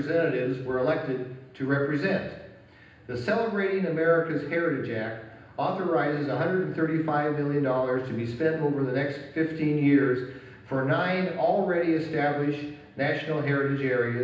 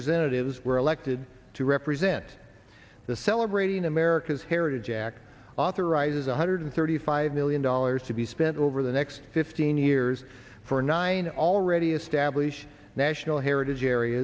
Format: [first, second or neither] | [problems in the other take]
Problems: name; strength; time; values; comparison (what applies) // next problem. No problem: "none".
second | room echo; dies away in 0.9 s